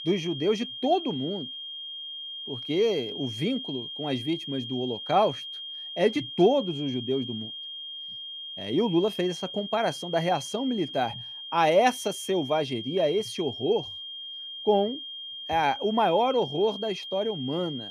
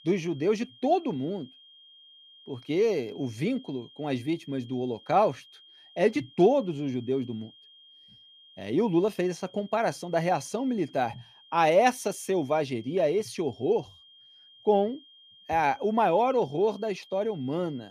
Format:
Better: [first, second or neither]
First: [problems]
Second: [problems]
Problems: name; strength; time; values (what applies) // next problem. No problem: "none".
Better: second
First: high-pitched whine; loud; throughout; 3 kHz, 9 dB below the speech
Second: high-pitched whine; faint; throughout; 3 kHz, 25 dB below the speech